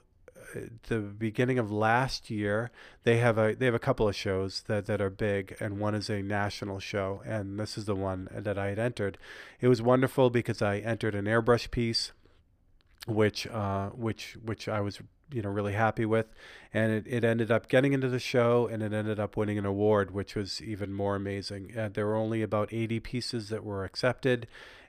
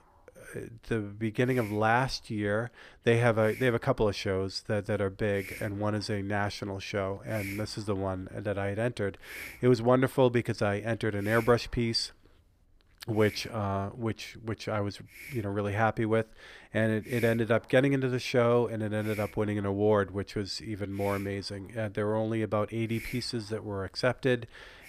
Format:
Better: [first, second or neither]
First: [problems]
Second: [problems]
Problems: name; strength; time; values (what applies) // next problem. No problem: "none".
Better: first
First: none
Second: hiss; noticeable; throughout; 15 dB below the speech